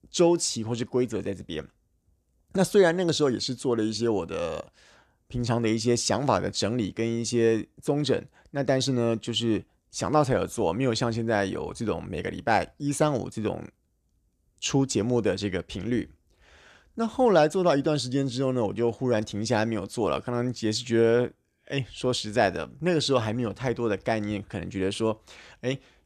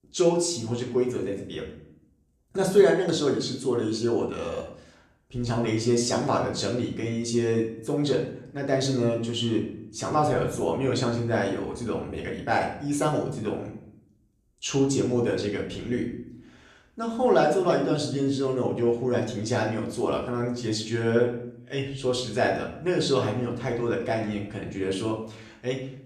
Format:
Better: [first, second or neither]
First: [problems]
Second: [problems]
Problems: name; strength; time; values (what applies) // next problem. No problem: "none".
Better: first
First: none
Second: room echo; slight; dies away in 0.6 s // off-mic speech; far